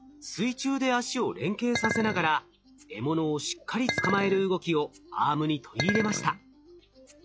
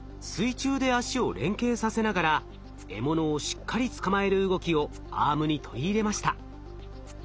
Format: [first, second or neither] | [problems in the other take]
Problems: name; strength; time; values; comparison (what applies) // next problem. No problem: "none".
second | noise reduction (classical method log-MMSE)